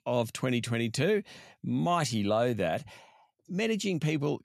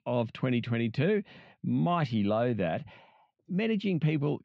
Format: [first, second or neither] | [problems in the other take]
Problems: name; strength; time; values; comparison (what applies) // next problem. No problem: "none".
first | muffled; slightly; fading above 3.5 kHz